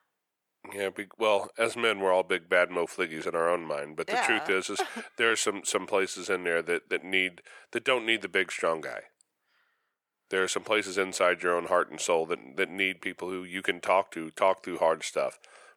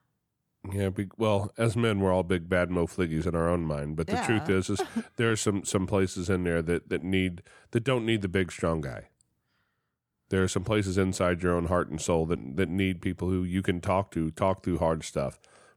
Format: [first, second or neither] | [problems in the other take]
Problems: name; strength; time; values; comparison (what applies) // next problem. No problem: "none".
second | thin; very; fading below 550 Hz